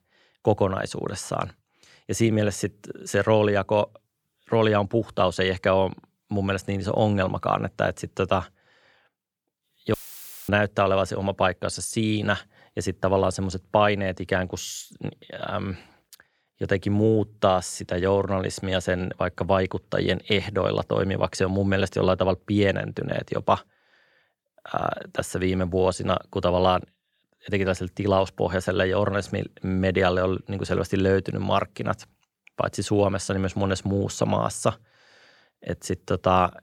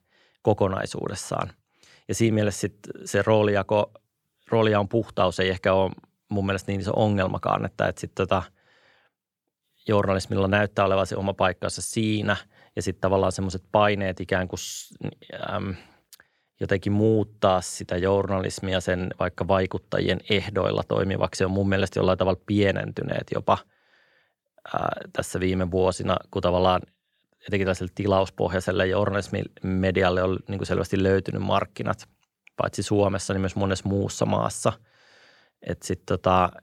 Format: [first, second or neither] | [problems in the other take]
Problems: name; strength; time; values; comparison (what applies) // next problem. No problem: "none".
second | audio cutting out; filled with static; at 10 s for 0.5 s